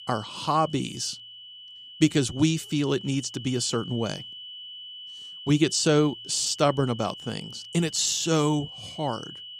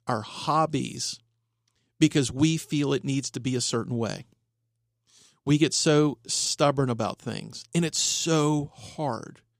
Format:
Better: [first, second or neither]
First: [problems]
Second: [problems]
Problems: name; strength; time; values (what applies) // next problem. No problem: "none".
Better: second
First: high-pitched whine; noticeable; throughout; 3 kHz, 15 dB below the speech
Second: none